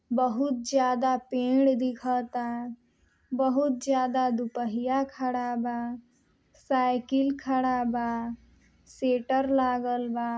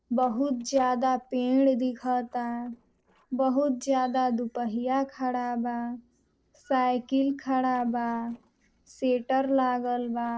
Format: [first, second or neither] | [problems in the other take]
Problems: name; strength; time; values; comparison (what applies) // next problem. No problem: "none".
first | noise reduction (neural separator model SepFormer DNS4)